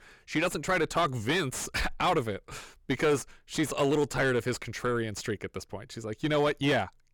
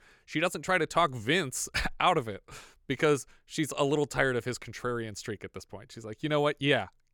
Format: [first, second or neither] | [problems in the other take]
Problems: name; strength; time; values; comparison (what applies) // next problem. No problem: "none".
second | distortion; heavy; 7 dB below the speech